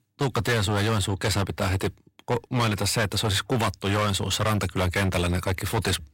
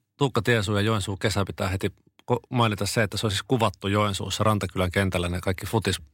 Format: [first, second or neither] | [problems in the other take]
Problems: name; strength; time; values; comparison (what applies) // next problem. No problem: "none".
second | distortion; heavy; 15% of the sound clipped